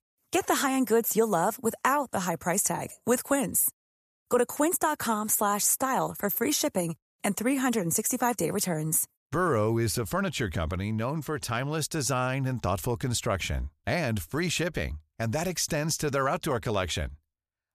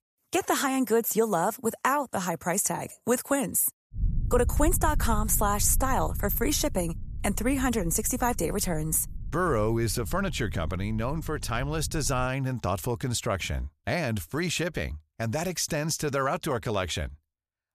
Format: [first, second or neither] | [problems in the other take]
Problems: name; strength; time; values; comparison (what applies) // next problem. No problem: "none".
first | low rumble; faint; from 4 to 12 s; 25 dB below the speech